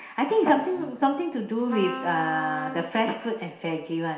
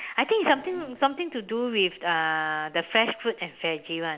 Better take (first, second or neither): second